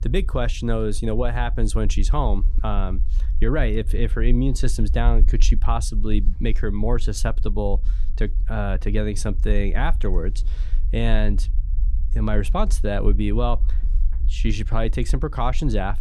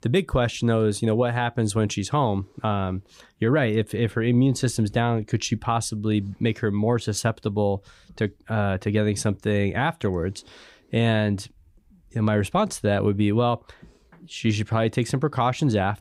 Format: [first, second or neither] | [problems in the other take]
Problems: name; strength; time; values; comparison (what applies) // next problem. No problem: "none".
second | low rumble; faint; throughout; 20 dB below the speech